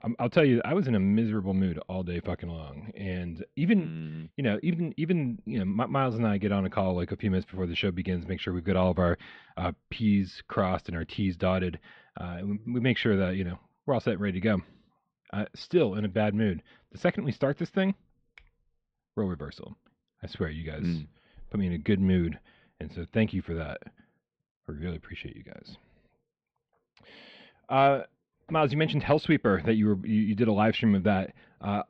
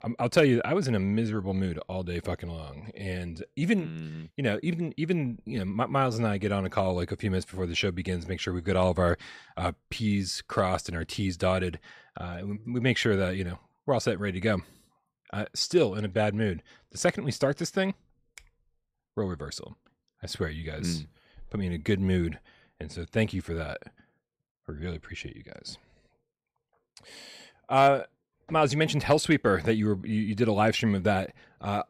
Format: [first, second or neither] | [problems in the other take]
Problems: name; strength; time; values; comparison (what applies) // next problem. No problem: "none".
second | muffled; slightly; fading above 3.5 kHz